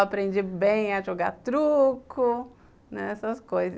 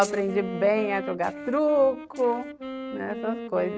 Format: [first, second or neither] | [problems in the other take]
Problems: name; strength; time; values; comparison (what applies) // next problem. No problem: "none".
first | noise reduction (neural mask model RNNoise)